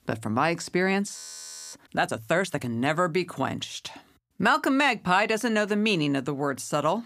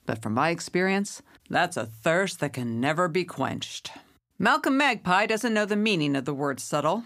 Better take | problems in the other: second | audio freezing; at 1 s for 0.5 s

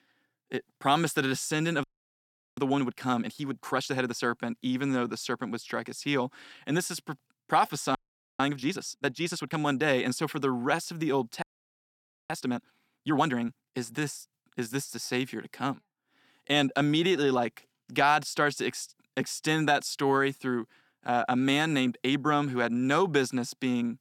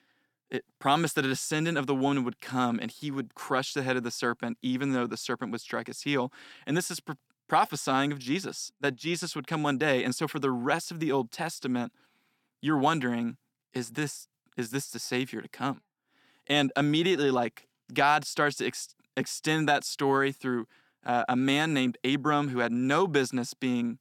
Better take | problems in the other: second | audio freezing; at 2 s for 0.5 s, at 8 s and at 11 s for 1 s

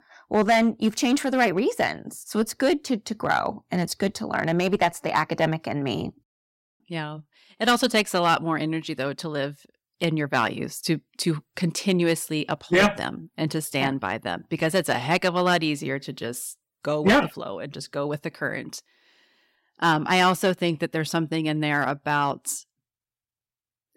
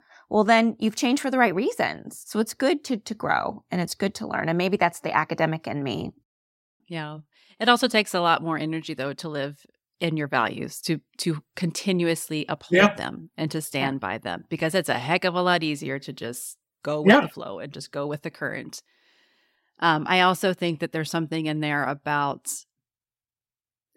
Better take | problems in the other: second | distortion; slight; 1.8% of the sound clipped

